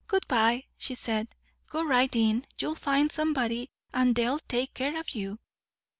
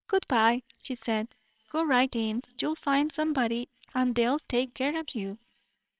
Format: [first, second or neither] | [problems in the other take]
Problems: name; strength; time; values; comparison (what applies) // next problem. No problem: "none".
first | noise reduction (neural separator model SepFormer WHAMR!)